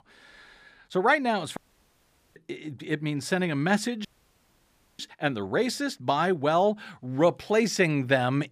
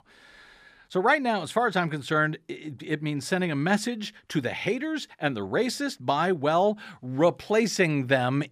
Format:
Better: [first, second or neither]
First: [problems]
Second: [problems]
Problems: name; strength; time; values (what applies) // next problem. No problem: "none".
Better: second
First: audio cutting out; at 1.5 s for 1 s and at 4 s for 1 s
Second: none